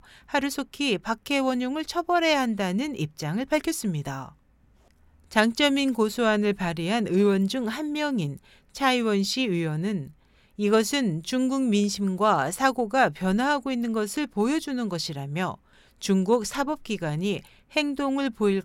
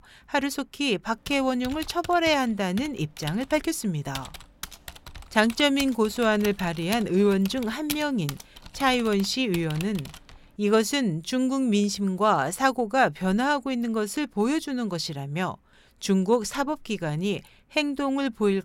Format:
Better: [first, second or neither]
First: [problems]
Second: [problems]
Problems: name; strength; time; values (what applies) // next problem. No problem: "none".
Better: first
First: none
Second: keyboard typing; noticeable; from 1.5 to 10 s; peak 8 dB below the speech